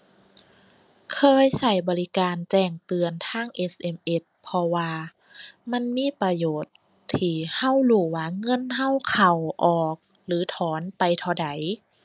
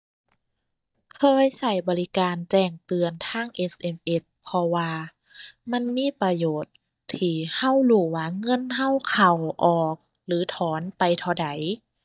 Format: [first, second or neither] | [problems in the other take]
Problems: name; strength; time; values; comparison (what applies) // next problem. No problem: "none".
first | noise reduction (neural mask model DeepFilterNet 3)